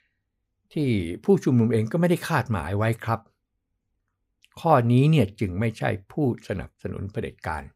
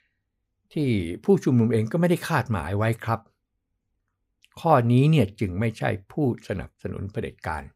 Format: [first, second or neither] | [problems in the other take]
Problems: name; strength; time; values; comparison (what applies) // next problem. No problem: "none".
neither | none